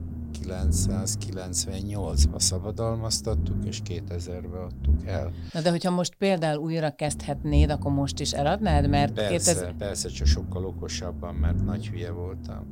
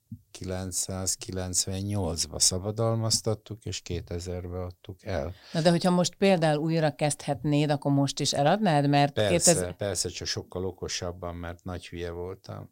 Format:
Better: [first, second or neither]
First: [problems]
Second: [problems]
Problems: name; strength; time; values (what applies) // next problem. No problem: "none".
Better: second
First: low rumble; noticeable; until 5.5 s and from 7 s on; 15 dB below the speech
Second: none